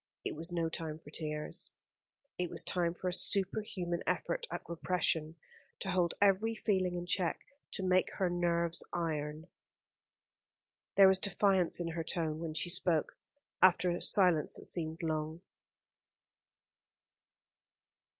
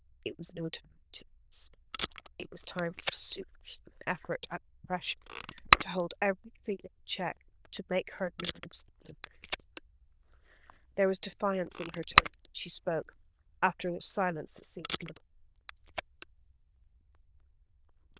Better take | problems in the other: first | noise reduction (neural diffusion model UNIVERSE++)

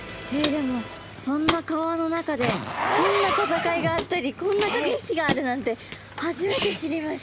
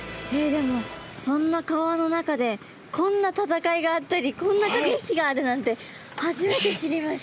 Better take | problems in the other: second | background sound (Zipper (clothing) + Walk, footsteps); 4 dB below the speech

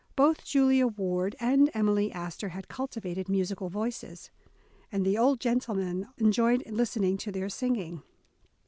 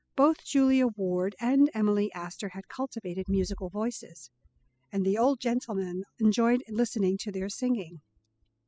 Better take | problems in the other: first | noise reduction (classical method spectral subtraction)

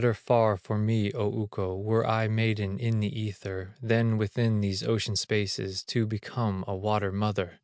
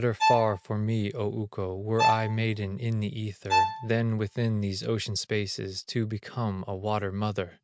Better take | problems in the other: first | background sound (Bowed string instrument); 1 dB below the speech

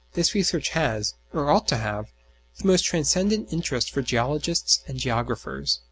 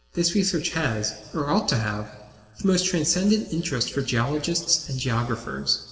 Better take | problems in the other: first | room echo; dies away in 1.7 s

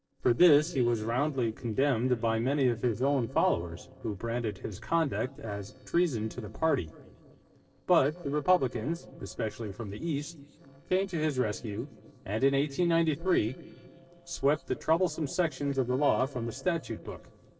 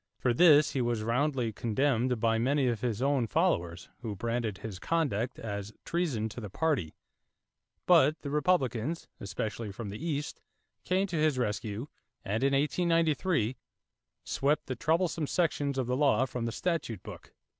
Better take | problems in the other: second | noise reduction (neural separator model SepFormer DNS4)

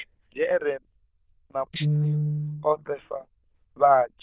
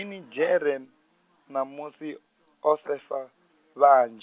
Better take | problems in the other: second | noise reduction (neural diffusion model UNIVERSE++)

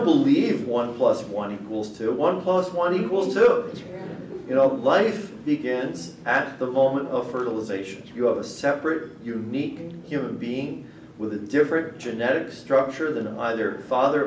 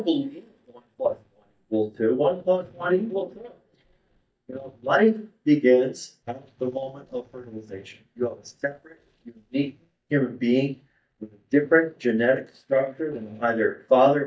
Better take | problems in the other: first | noise reduction (neural mask model DeepFilterNet 3)

